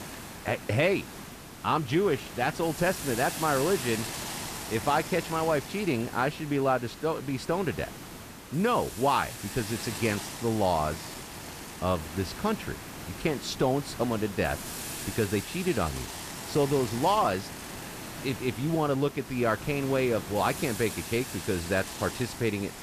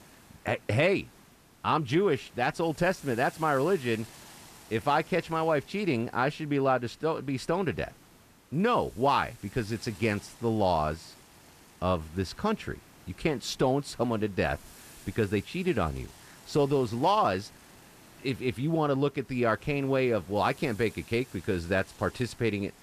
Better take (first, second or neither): second